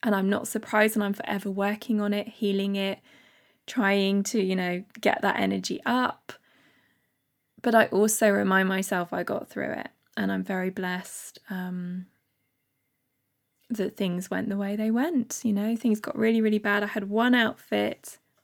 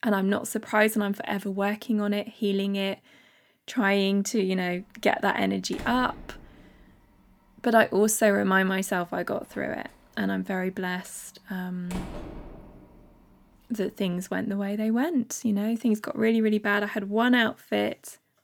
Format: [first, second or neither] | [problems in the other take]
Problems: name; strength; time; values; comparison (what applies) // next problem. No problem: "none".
first | door banging; faint; from 5.5 to 13 s; peak 10 dB below the speech